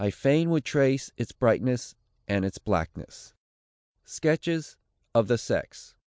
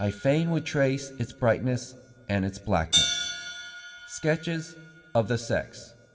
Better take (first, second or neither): first